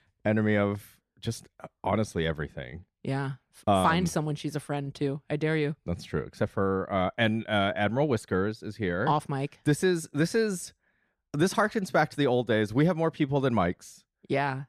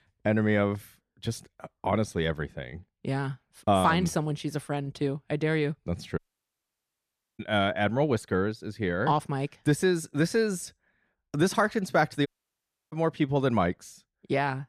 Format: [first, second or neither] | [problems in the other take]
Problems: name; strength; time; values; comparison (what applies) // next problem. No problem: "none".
first | audio cutting out; at 6 s for 1 s and at 12 s for 0.5 s